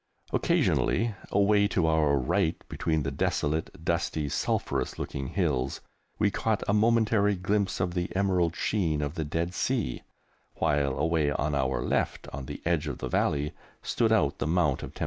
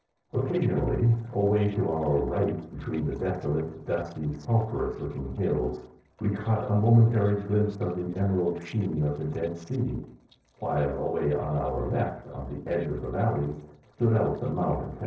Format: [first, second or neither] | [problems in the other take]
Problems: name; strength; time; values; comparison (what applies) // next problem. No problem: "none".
first | noise reduction (neural separator model SepFormer DNS4)